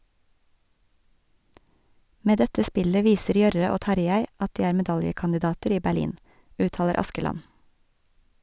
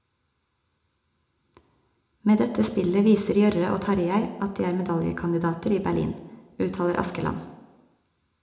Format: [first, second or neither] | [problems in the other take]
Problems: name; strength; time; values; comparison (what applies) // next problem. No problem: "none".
first | room echo; dies away in 0.5 s